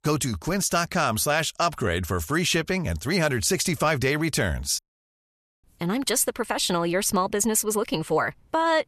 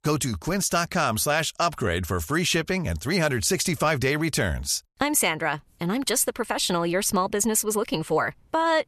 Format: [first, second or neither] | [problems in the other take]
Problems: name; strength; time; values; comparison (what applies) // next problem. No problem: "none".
second | audio cutting out; at 5 s for 1 s